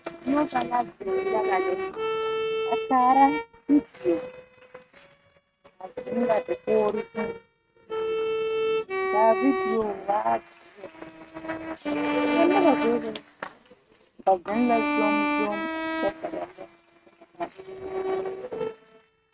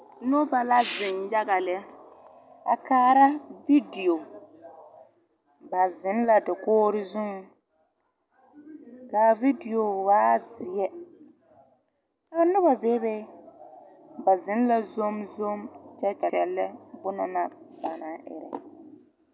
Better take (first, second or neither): second